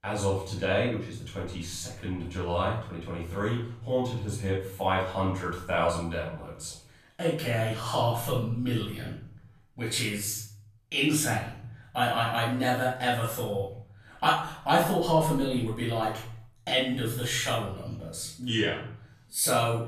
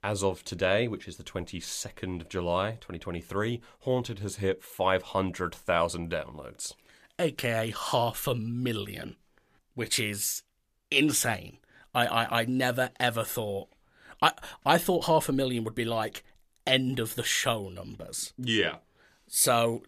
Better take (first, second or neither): second